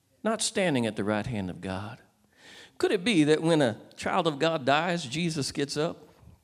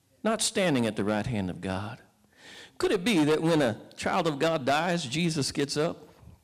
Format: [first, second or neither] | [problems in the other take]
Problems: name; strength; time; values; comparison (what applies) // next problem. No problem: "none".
first | distortion; slight; 6% of the sound clipped